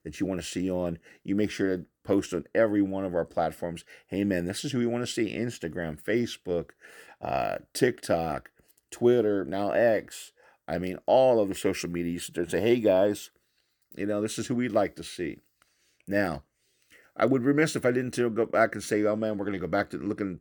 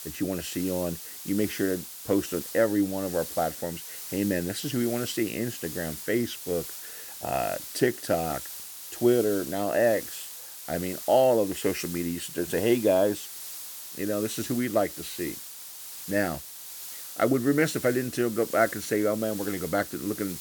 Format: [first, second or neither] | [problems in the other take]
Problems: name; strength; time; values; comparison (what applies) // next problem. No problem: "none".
first | hiss; loud; throughout; 9 dB below the speech